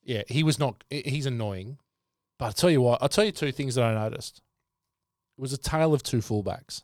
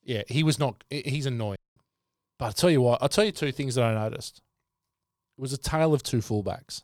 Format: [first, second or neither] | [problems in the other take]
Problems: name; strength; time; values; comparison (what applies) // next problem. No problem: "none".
first | audio cutting out; at 1.5 s